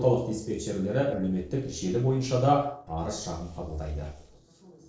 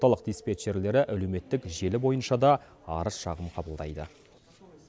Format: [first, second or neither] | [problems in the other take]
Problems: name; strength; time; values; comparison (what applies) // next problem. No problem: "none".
second | noise reduction (neural separator model SepFormer DNS4)